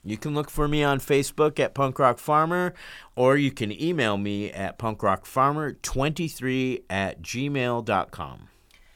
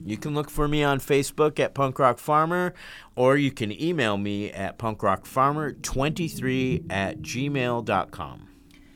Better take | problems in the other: first | low rumble; faint; throughout; 25 dB below the speech

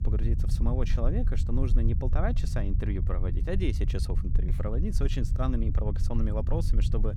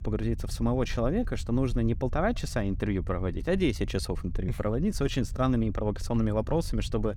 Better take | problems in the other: second | low rumble; loud; throughout; 8 dB below the speech; faint in the second

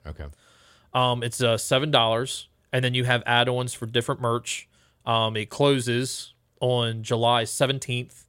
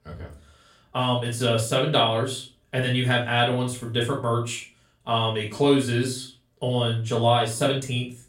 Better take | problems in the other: first | room echo; slight; dies away in 0.3 s // off-mic speech; far

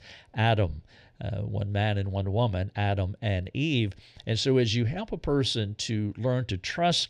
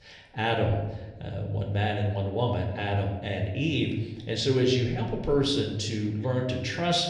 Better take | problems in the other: first | room echo; slight; dies away in 0.8 s // off-mic speech; somewhat distant

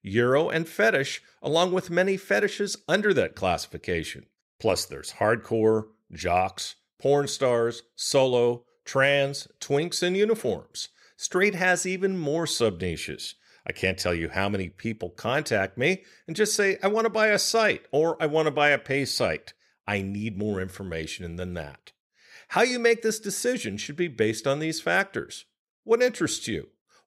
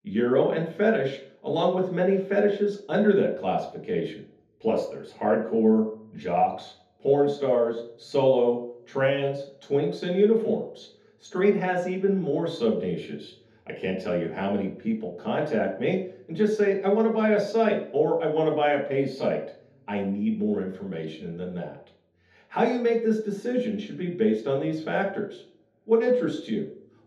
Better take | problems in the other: first | room echo; noticeable; dies away in 0.6 s // off-mic speech; far

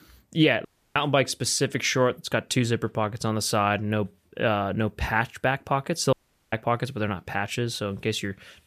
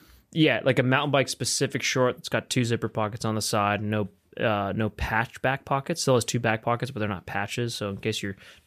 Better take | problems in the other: second | audio cutting out; at 0.5 s and at 6 s

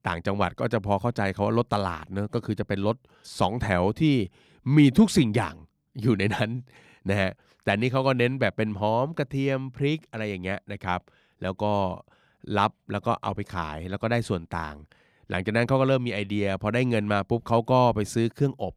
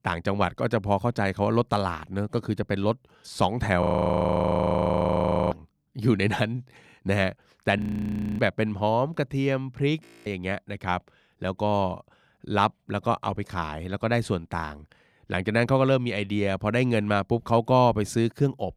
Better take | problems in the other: first | audio freezing; at 4 s for 1.5 s, at 8 s for 0.5 s and at 10 s

